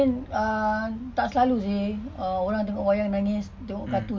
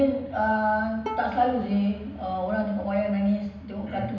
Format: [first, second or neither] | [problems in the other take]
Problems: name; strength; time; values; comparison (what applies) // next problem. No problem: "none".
first | background sound (Bowed string instrument); 15 dB below the speech // room echo; dies away in 0.9 s